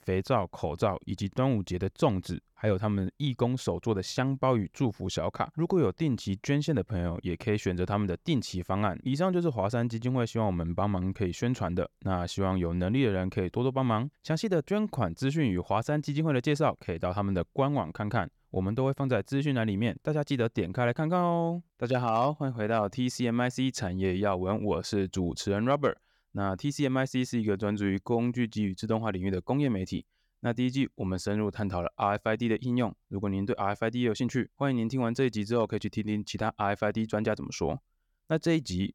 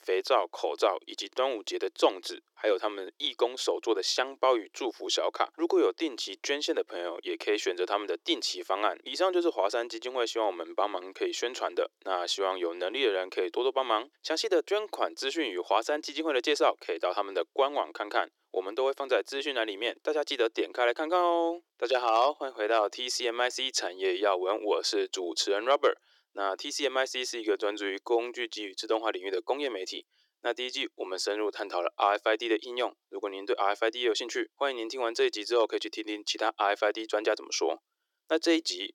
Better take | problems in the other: first | thin; very; fading below 350 Hz

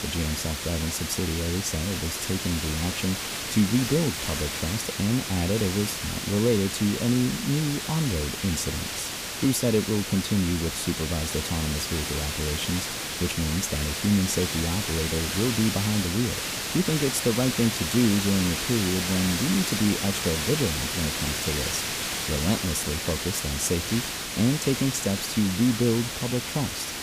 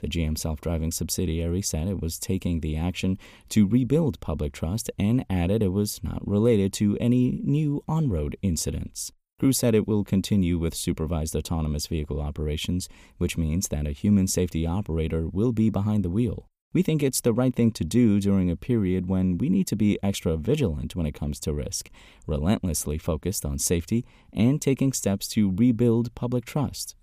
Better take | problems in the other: second | hiss; loud; throughout; 2 dB below the speech

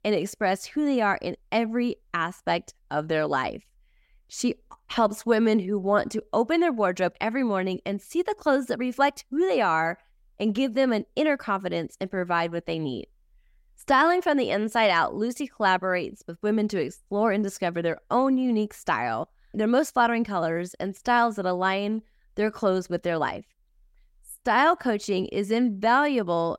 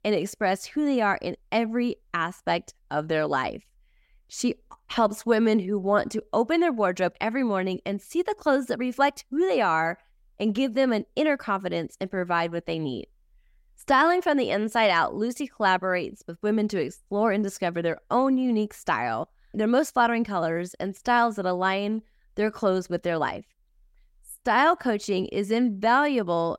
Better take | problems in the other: neither | none

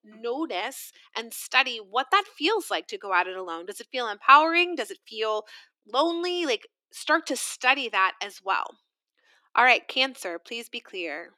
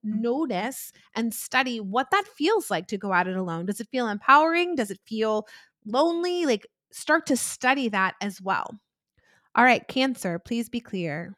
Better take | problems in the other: second | thin; somewhat; fading below 300 Hz

